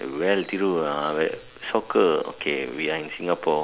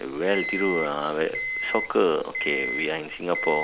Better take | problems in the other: first | background sound (Alarm); 6 dB below the speech

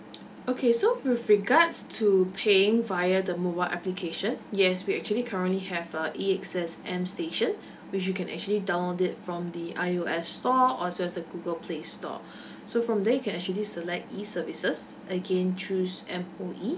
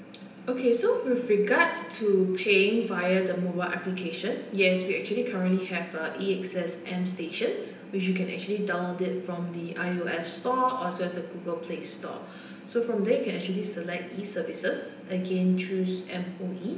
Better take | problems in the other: first | room echo; dies away in 0.9 s

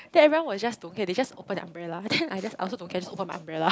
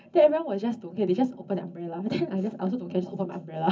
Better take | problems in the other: first | room echo; dies away in 0.3 s

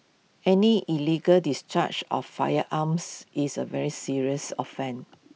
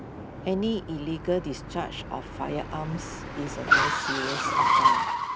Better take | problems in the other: first | background sound (Car); 5 dB above the speech

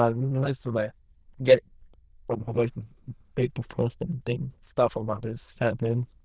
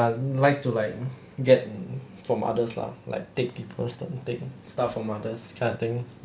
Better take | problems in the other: second | noise reduction (neural diffusion model UNIVERSE++)

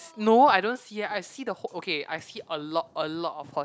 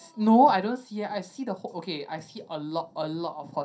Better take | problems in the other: first | room echo; dies away in 0.3 s

